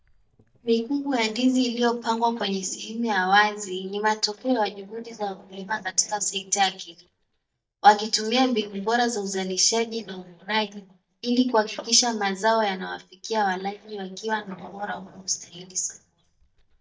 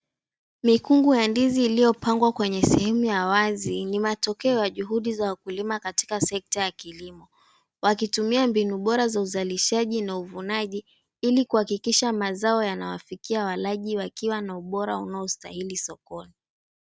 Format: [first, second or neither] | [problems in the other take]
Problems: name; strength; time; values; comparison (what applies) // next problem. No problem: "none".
second | noise reduction (neural mask model DeepFilterNet 3)